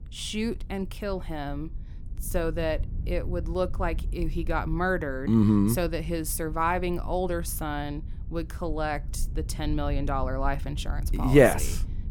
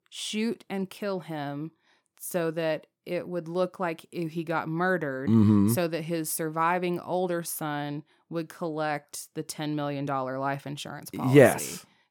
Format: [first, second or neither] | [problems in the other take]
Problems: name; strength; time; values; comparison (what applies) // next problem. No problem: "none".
second | low rumble; faint; throughout; 25 dB below the speech